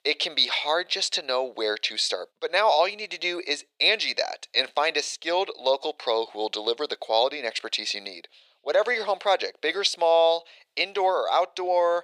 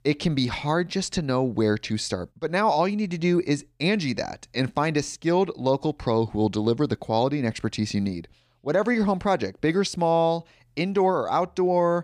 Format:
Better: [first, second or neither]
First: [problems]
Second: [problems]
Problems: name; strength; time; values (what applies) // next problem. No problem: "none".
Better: second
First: thin; very; fading below 450 Hz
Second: none